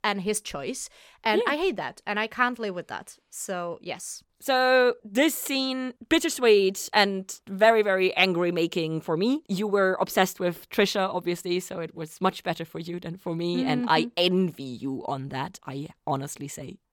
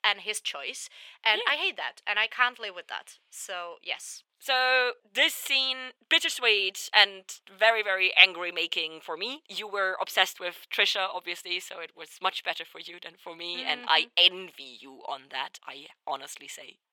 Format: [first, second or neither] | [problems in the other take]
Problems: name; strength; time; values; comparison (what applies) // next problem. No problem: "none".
first | thin; very; fading below 700 Hz